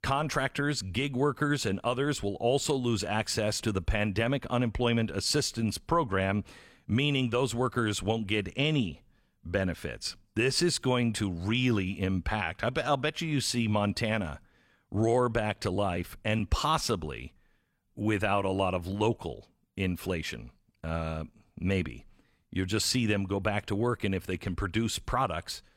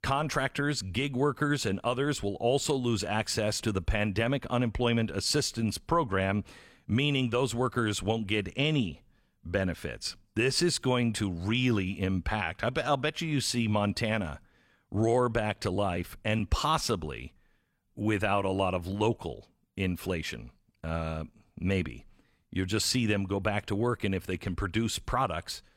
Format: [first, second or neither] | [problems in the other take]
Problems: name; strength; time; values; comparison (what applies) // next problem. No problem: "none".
neither | none